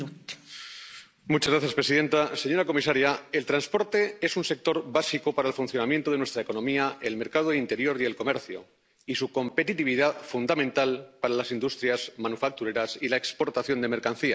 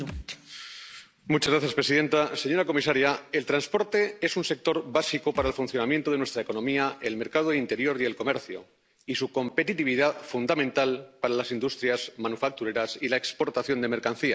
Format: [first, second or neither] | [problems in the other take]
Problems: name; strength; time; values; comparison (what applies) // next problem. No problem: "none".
first | background sound (Thump, thud); 18 dB below the speech